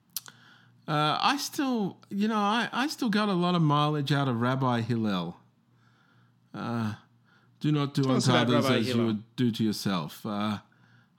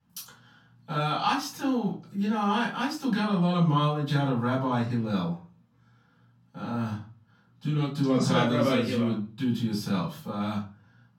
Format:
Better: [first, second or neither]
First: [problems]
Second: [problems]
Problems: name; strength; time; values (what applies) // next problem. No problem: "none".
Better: first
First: none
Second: off-mic speech; far // room echo; slight; dies away in 0.3 s